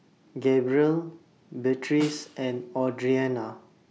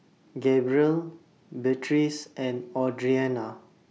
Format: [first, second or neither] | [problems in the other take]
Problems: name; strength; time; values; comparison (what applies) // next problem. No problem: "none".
second | background sound (Snare drum); 19 dB below the speech